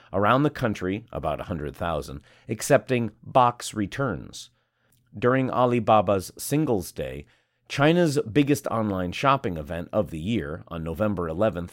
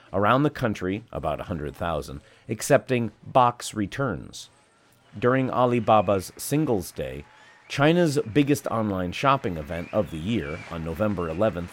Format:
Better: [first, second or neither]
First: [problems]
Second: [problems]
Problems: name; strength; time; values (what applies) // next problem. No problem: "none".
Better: first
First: none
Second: crowd noise; faint; throughout; 25 dB below the speech